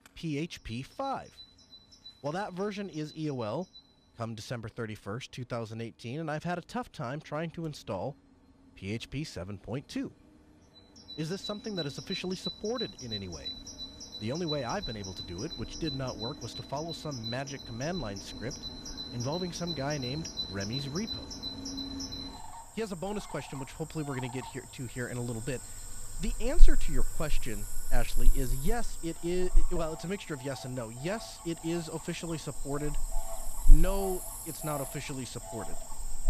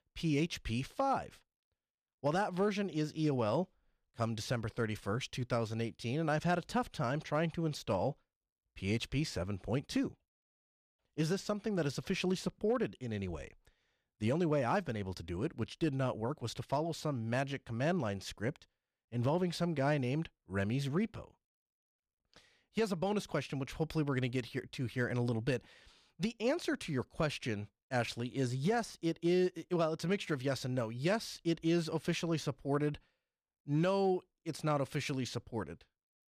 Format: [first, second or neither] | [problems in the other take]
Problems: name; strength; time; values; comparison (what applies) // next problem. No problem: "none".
second | animal sounds; loud; throughout; 1 dB below the speech